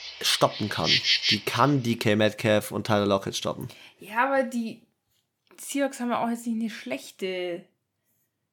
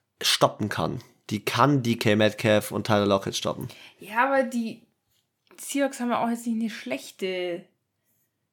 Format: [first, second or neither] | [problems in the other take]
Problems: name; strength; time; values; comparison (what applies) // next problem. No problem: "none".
second | animal sounds; very loud; until 1.5 s; 3 dB above the speech